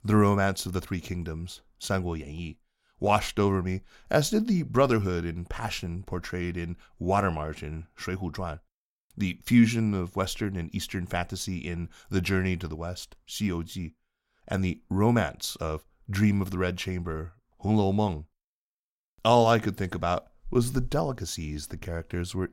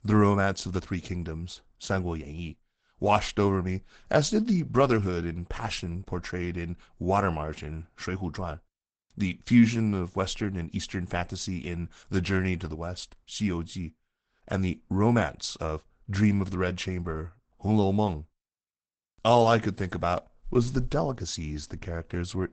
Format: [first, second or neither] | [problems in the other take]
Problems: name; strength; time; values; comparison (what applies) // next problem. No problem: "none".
first | garbled, watery; badly; nothing above 8 kHz